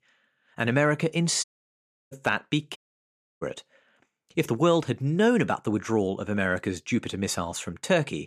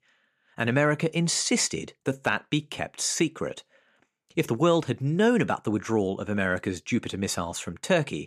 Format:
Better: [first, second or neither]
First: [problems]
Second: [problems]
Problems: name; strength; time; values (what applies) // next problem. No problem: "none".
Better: second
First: audio cutting out; at 1.5 s for 0.5 s and at 3 s for 0.5 s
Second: none